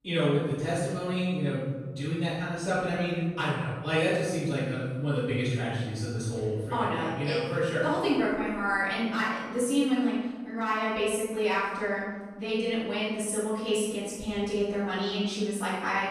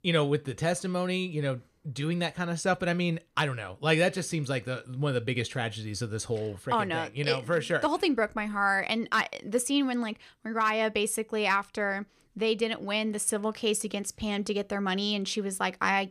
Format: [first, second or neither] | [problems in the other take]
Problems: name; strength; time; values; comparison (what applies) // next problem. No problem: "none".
second | off-mic speech; far // room echo; strong; dies away in 1.3 s